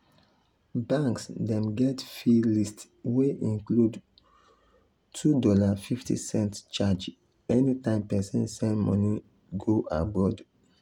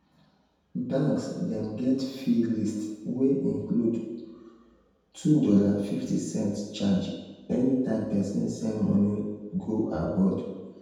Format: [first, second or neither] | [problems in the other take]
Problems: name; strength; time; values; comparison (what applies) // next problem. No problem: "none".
first | room echo; dies away in 1 s